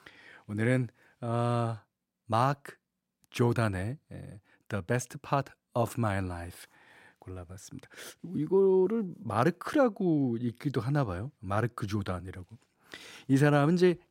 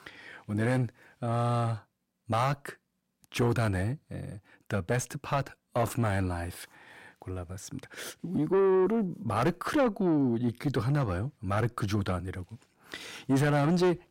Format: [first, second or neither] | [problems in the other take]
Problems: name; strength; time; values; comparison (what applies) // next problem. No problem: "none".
first | distortion; heavy; 7 dB below the speech